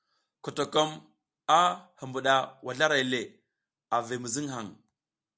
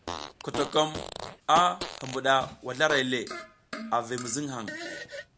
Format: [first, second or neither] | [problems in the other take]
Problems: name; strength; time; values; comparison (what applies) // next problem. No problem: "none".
first | background sound (Fart); 10 dB below the speech